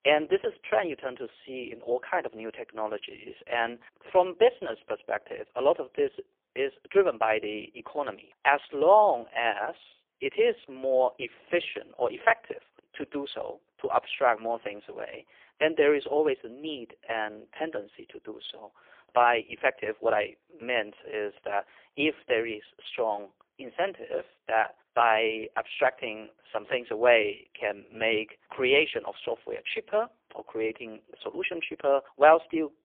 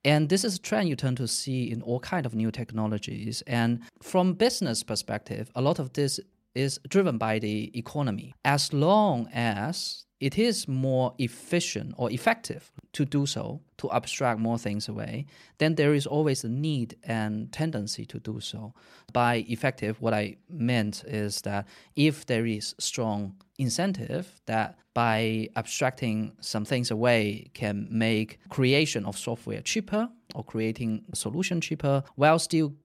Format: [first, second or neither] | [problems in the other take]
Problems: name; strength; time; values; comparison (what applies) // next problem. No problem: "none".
second | phone-call audio; poor line; nothing above 3 kHz